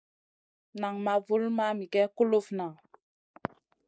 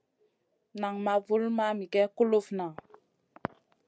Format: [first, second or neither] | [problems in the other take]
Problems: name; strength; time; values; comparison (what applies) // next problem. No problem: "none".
second | noise reduction (neural mask model Resemble Enhance denoiser)